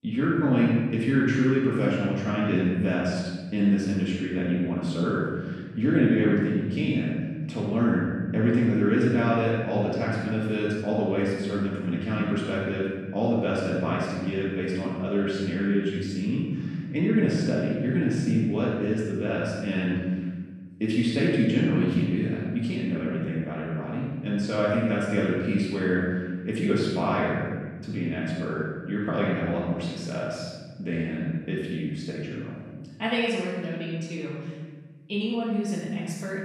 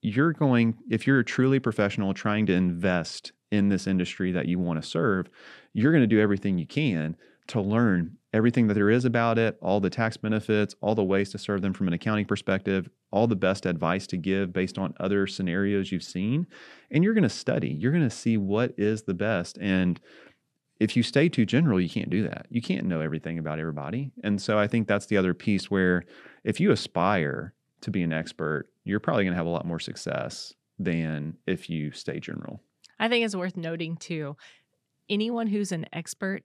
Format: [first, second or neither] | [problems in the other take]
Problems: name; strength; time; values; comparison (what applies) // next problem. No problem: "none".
second | off-mic speech; far // room echo; strong; dies away in 1.4 s